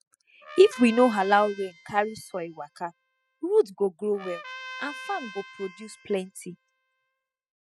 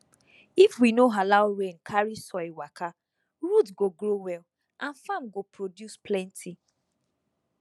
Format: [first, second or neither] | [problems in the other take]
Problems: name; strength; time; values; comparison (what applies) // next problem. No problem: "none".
second | noise reduction (classical method spectral subtraction)